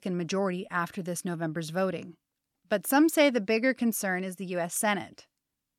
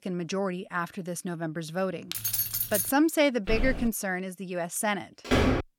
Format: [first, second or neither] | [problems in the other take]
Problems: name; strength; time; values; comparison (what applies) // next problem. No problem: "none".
first | jangling keys; loud; at 2 s; peak 3 dB above the speech // footsteps; noticeable; at 3.5 s; peak 5 dB below the speech // door banging; loud; at 5.5 s; peak 4 dB above the speech